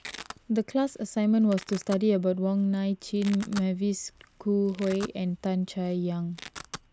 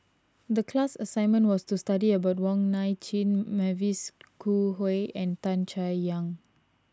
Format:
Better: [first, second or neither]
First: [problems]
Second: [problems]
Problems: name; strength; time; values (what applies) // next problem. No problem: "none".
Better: second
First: background sound (Domestic sounds, home sounds); 19 dB below the speech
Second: none